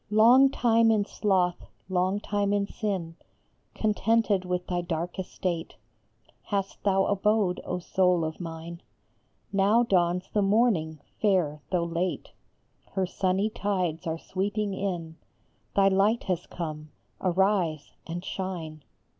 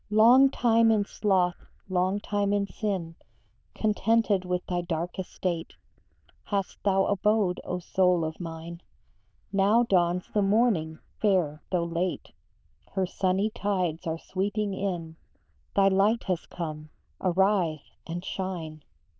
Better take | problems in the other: first | noise reduction (neural diffusion model UNIVERSE++)

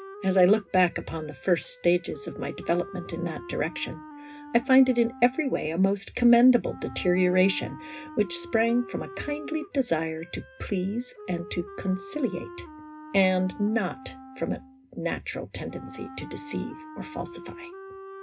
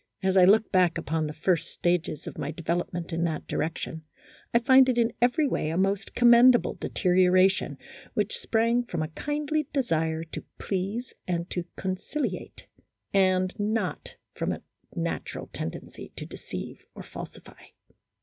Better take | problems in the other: second | background sound (Wind instrument, woodwind instrument); 16 dB below the speech // room echo; dies away in 0.2 s

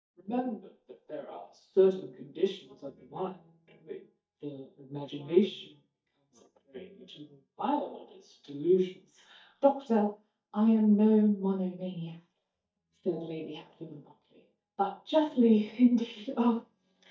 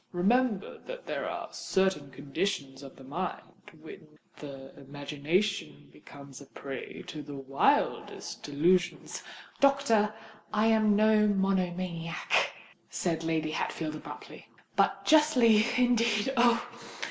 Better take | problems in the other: second | noise reduction (neural mask model DeepFilterNet 3)

